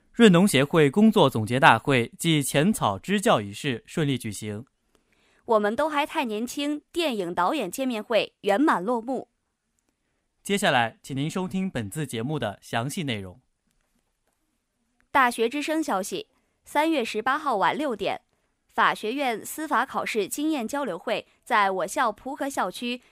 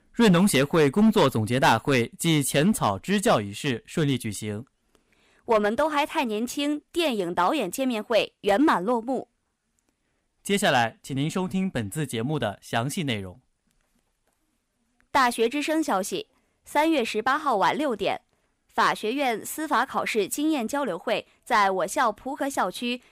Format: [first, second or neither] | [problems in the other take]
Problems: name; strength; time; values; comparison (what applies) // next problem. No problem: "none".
first | distortion; slight; 2% of the sound clipped